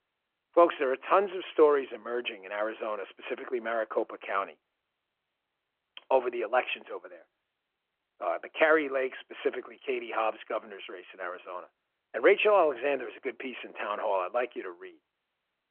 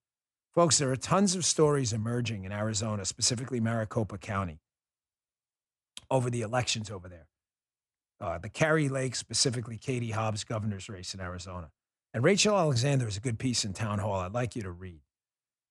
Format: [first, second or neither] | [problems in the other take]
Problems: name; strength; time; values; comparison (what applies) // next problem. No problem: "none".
second | phone-call audio